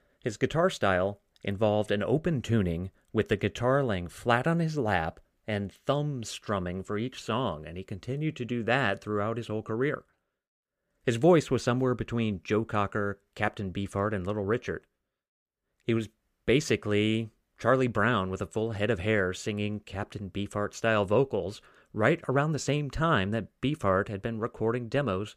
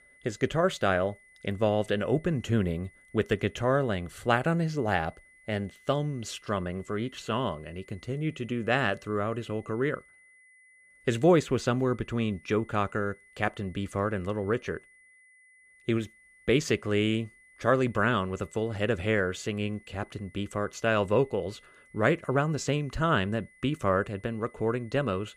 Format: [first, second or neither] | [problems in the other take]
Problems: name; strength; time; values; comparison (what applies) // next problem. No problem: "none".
first | high-pitched whine; faint; throughout; 2 kHz, 25 dB below the speech